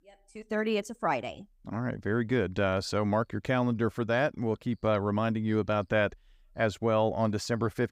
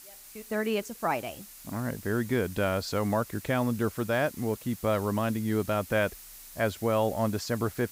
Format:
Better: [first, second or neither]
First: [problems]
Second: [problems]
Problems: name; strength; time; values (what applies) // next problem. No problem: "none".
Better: first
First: none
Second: hiss; noticeable; throughout; 15 dB below the speech